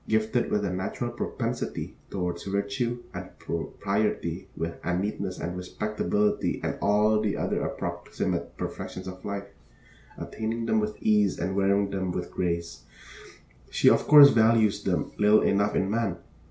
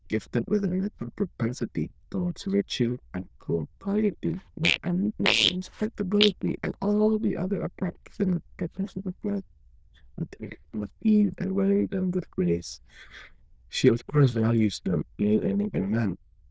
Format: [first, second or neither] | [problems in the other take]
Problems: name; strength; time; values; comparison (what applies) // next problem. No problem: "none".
first | noise reduction (neural diffusion model UNIVERSE++)